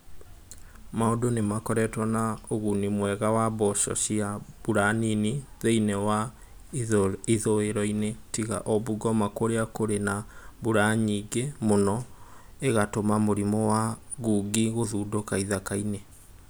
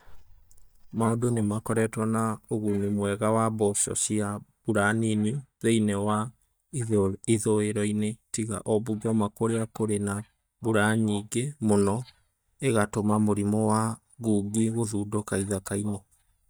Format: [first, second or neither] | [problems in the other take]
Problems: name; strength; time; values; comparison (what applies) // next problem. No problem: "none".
first | noise reduction (neural mask model DeepFilterNet 3)